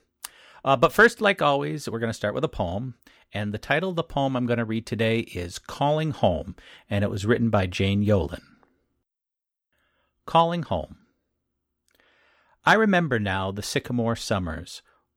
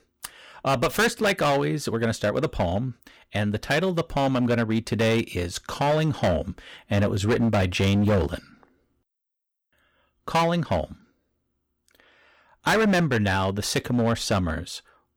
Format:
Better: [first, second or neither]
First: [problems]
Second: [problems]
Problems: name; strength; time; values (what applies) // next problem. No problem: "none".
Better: first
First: none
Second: distortion; heavy; 9% of the sound clipped